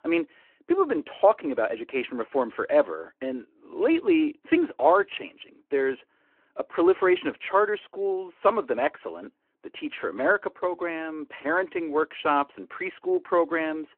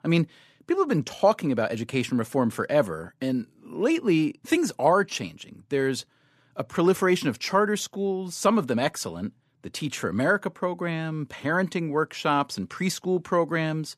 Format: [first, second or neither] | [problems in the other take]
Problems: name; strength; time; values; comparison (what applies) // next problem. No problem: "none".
second | phone-call audio